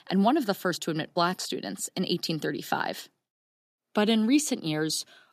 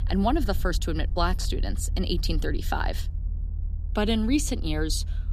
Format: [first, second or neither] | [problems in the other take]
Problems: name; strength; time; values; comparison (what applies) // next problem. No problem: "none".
first | low rumble; faint; throughout; 20 dB below the speech